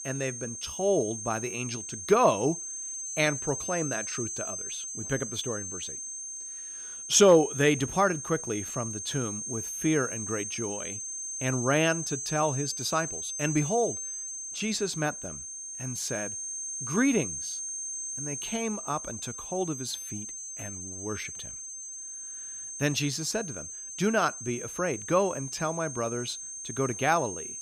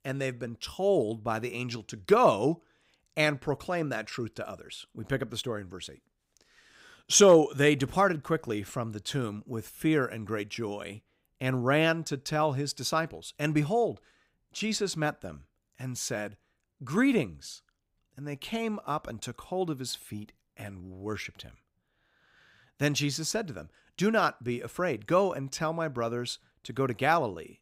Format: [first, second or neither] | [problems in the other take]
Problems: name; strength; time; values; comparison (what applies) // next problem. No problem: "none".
second | high-pitched whine; loud; throughout; 6.5 kHz, 6 dB below the speech